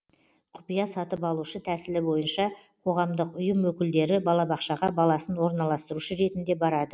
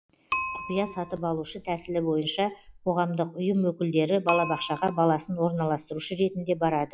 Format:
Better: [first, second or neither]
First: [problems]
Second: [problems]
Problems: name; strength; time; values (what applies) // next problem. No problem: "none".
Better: first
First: none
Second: noise reduction (classical method log-MMSE)